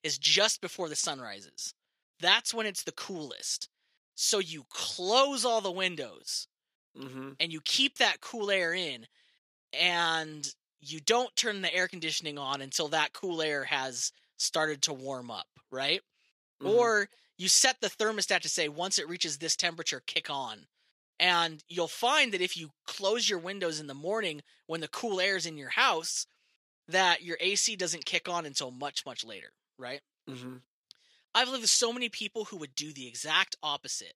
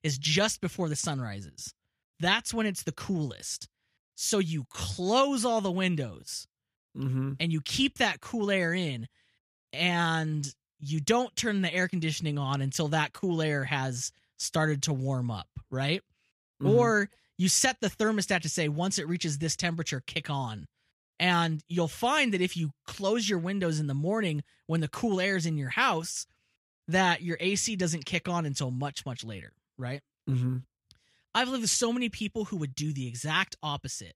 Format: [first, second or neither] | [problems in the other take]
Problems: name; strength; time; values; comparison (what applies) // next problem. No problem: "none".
second | thin; somewhat; fading below 450 Hz